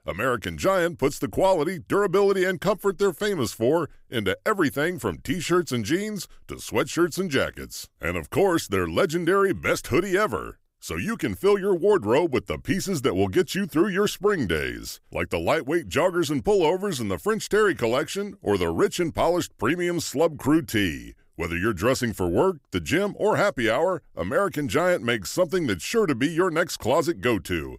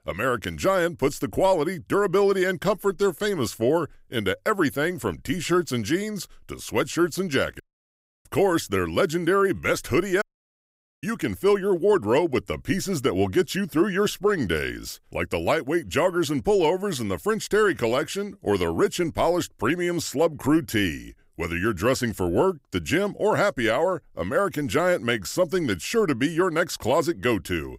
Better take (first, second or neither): first